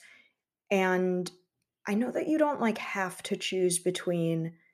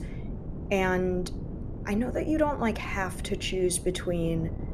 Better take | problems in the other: first | wind noise on the microphone; occasional gusts; 15 dB below the speech

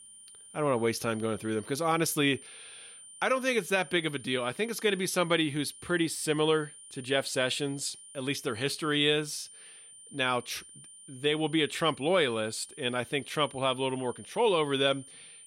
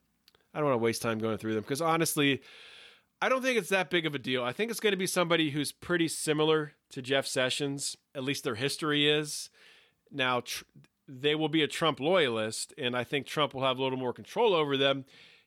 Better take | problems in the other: second | high-pitched whine; noticeable; throughout; 9 kHz, 20 dB below the speech

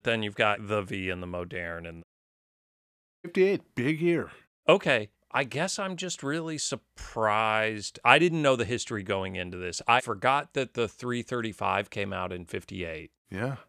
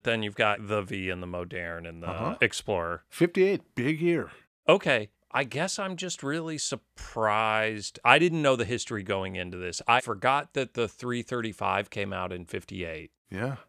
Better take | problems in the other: second | audio cutting out; at 2 s for 1 s

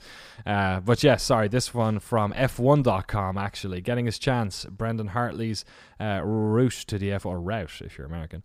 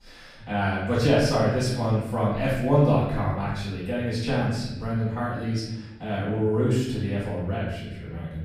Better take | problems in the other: first | room echo; noticeable; dies away in 1.3 s // off-mic speech; far

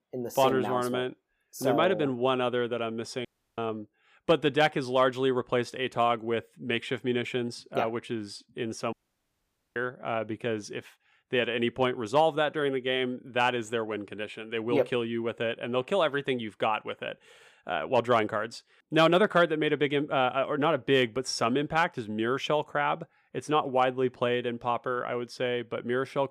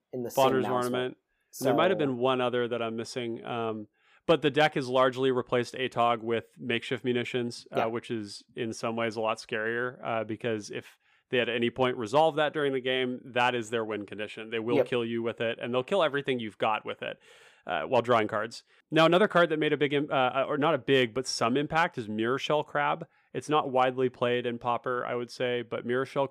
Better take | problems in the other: second | audio cutting out; at 3.5 s and at 9 s for 1 s

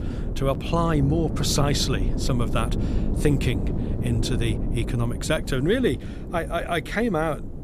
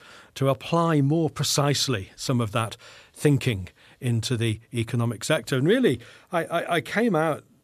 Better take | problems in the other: second | wind noise on the microphone; heavy; 10 dB below the speech

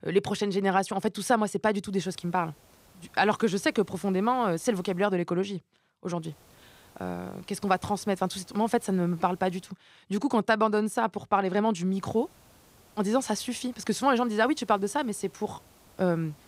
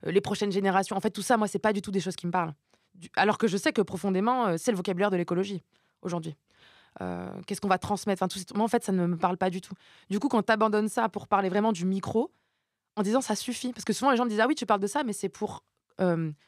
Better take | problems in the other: second | hiss; faint; from 2 to 5 s, from 6.5 to 9.5 s and from 12 s on; 30 dB below the speech

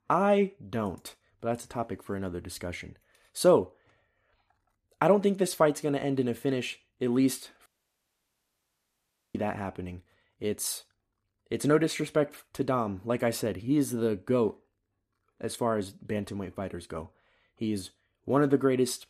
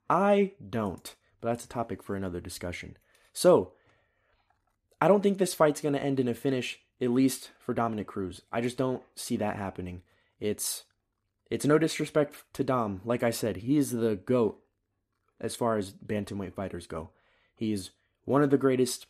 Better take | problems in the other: second | audio cutting out; at 7.5 s for 1.5 s

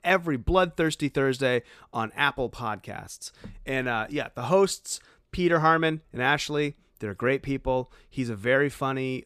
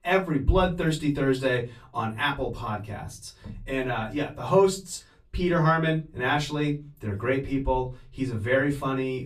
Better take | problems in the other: first | off-mic speech; far // room echo; very slight; dies away in 0.3 s

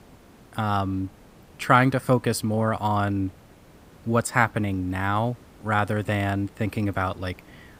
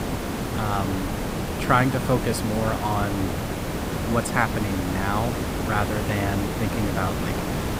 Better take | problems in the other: first | hiss; loud; throughout; 1 dB below the speech; faint in the first

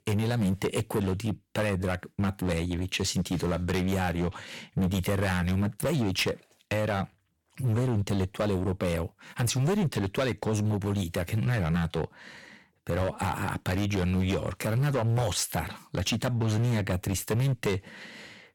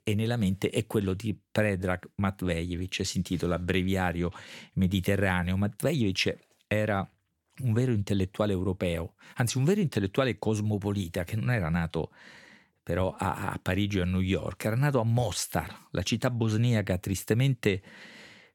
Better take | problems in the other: second | distortion; heavy; 15% of the sound clipped

